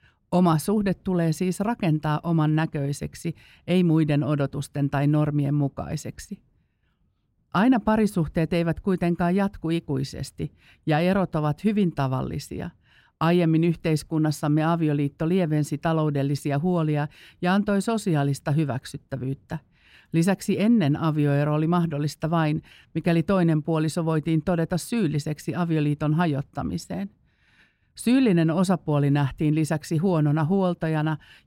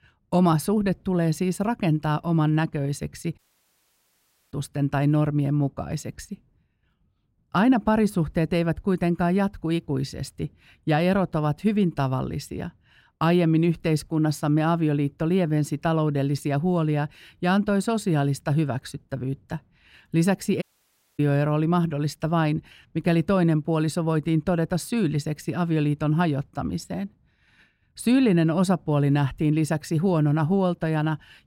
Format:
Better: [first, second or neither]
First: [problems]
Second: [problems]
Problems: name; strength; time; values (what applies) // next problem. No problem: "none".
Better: first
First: none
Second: audio cutting out; at 3.5 s for 1 s and at 21 s for 0.5 s